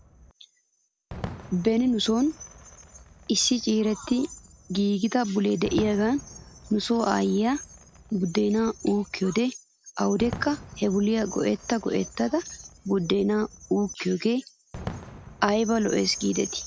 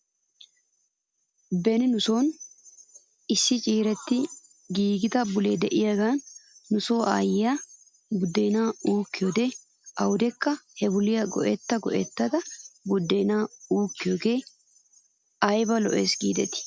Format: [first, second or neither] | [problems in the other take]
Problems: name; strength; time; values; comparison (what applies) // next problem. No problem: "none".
second | background sound (Fireworks); 18 dB below the speech